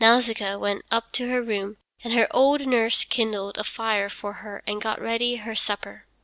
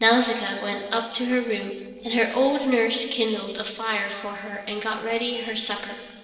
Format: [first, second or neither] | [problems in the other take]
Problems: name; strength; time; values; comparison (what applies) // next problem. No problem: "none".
first | noise reduction (neural separator model SepFormer DNS4)